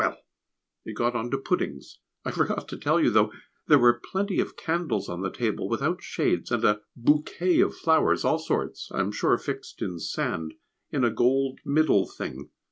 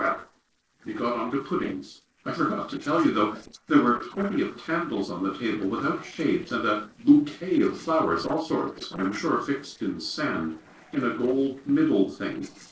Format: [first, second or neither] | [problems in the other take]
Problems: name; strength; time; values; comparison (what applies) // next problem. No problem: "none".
first | noise reduction (neural separator model SepFormer DNS4)